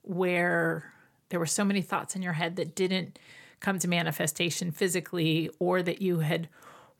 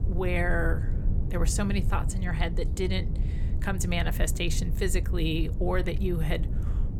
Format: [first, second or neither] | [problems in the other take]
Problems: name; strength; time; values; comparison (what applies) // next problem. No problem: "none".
first | low rumble; noticeable; throughout; 10 dB below the speech